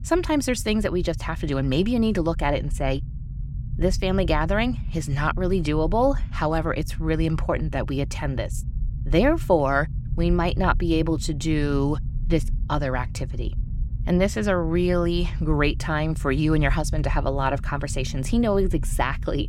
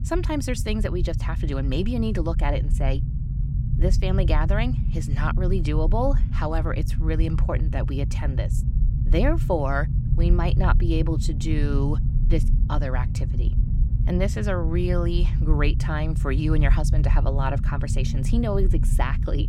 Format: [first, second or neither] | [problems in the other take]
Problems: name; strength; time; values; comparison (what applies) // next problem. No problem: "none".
first | low rumble; loud; throughout; 10 dB below the speech; faint in the first